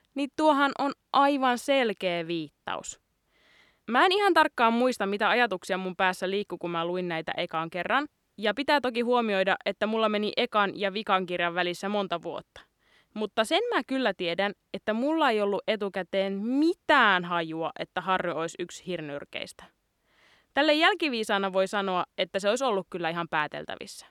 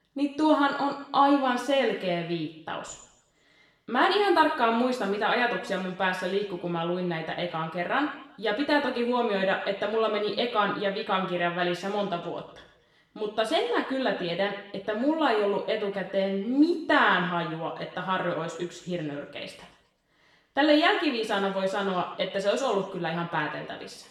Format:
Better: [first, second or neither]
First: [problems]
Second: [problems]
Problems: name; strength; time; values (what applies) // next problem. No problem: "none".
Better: first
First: none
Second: room echo; noticeable; dies away in 0.8 s // off-mic speech; far